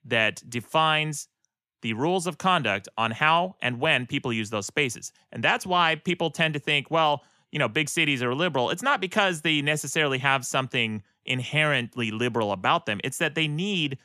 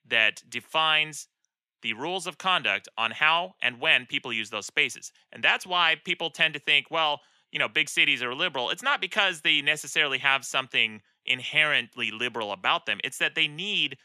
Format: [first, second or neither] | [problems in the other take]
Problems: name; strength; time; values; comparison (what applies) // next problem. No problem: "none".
first | thin; somewhat; fading below 850 Hz